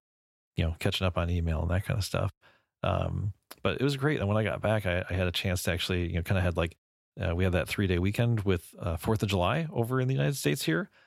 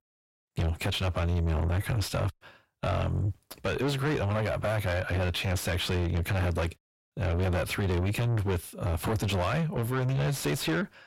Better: first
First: none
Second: distortion; heavy; 5 dB below the speech

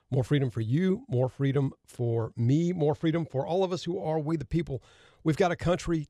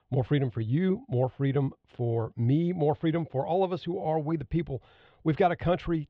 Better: first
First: none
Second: muffled; very; fading above 3 kHz

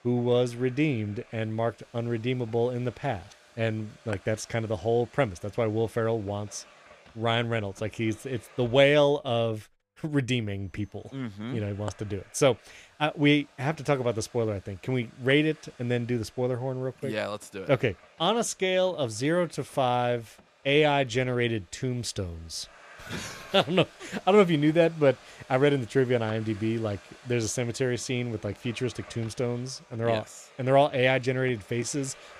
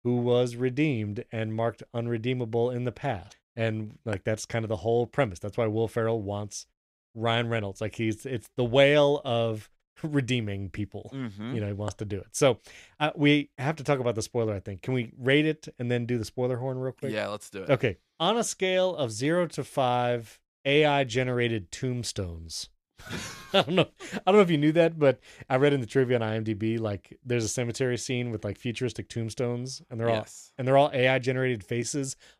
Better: second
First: household noises; faint; throughout; 25 dB below the speech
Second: none

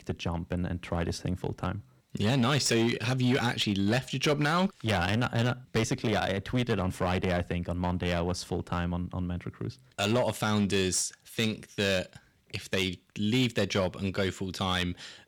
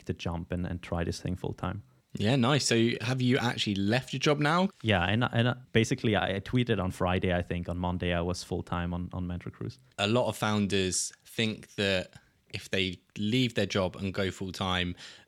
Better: second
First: distortion; slight; 6% of the sound clipped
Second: none

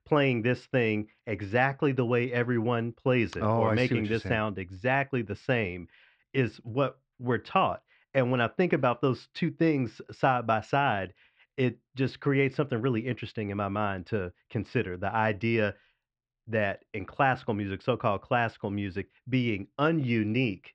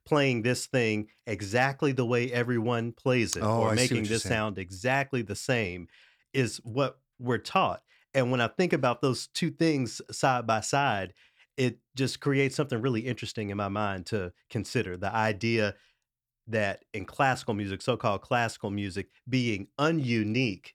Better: second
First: muffled; very; fading above 3 kHz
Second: none

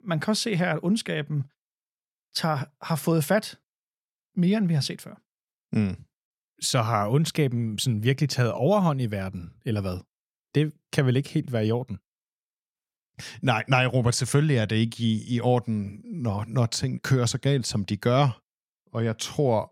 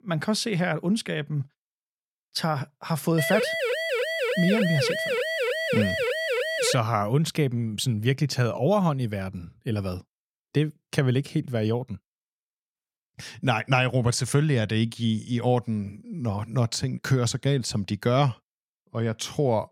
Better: first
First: none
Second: siren; loud; from 3 to 7 s; peak 1 dB above the speech

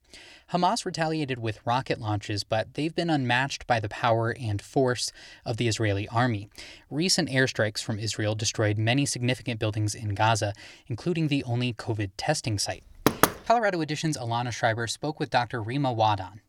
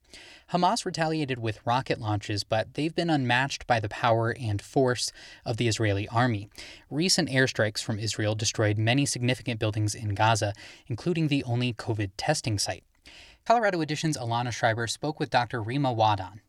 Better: second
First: door banging; loud; at 13 s; peak 4 dB above the speech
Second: none

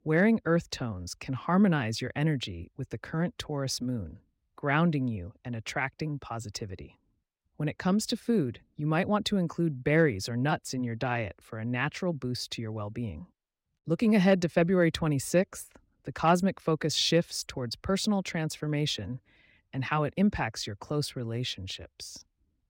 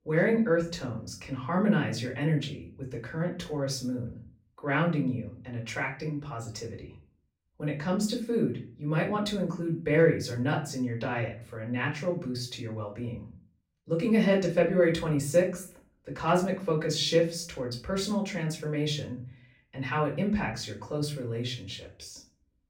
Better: first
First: none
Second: off-mic speech; far // room echo; slight; dies away in 0.3 s

